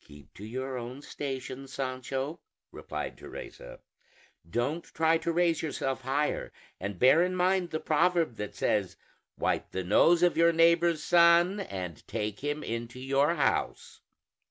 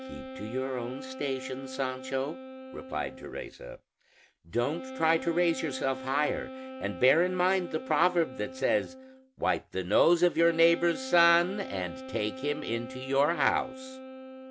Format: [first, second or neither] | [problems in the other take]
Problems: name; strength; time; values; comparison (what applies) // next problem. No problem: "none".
first | background sound (Wind instrument, woodwind instrument); 12 dB below the speech